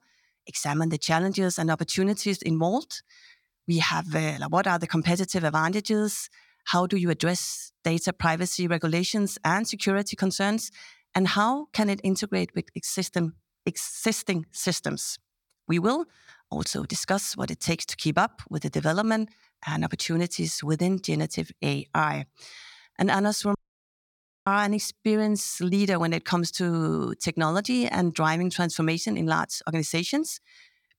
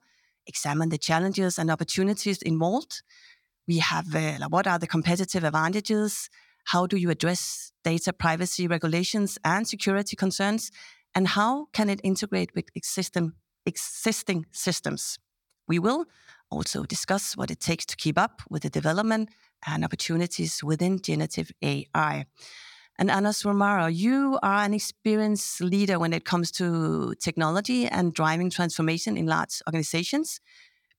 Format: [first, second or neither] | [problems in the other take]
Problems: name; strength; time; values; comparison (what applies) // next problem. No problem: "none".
second | audio cutting out; at 24 s for 1 s